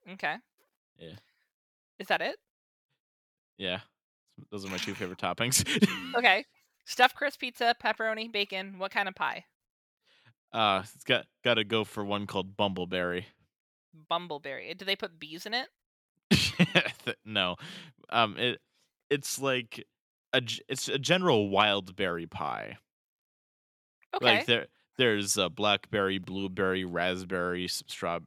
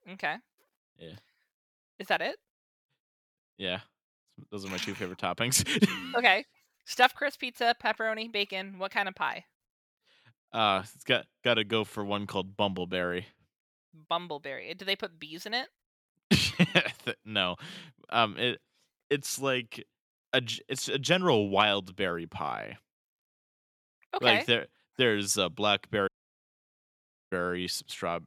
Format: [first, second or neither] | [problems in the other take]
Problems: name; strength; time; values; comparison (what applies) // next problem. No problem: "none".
first | audio cutting out; at 26 s for 1 s